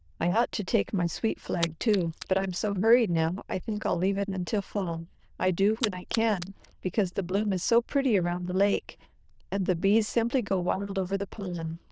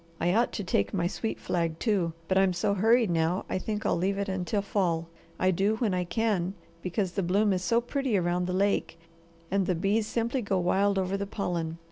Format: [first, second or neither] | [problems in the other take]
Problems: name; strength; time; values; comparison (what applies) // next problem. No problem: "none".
second | noise reduction (neural diffusion model UNIVERSE++)